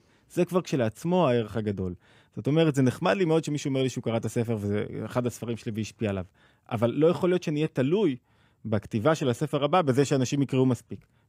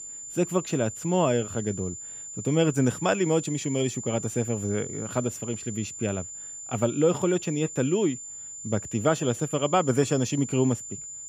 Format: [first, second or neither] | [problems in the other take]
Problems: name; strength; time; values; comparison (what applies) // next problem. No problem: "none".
first | high-pitched whine; loud; throughout; 7 kHz, 9 dB below the speech